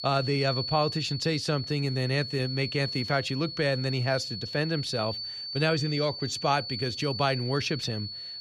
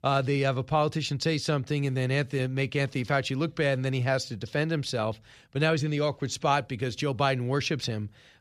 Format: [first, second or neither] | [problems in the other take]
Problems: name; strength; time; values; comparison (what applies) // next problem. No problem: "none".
second | high-pitched whine; loud; throughout; 4.5 kHz, 5 dB below the speech